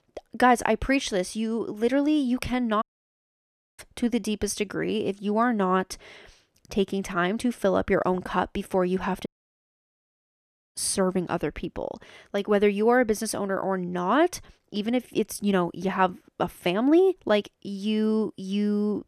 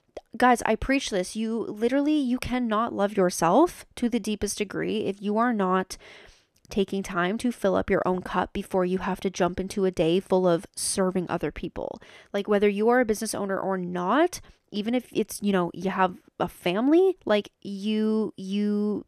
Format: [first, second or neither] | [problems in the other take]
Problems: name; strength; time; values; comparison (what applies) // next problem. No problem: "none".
second | audio cutting out; at 3 s for 1 s and at 9.5 s for 1.5 s